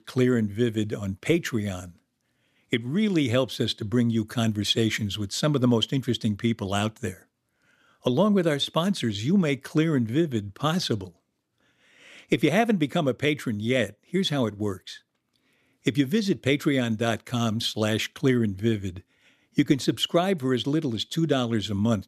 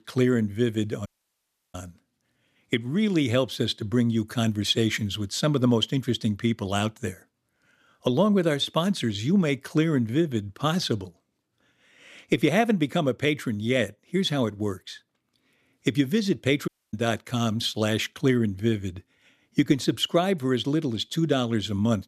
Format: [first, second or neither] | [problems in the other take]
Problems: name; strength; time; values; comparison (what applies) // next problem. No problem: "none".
first | audio cutting out; at 1 s for 0.5 s and at 17 s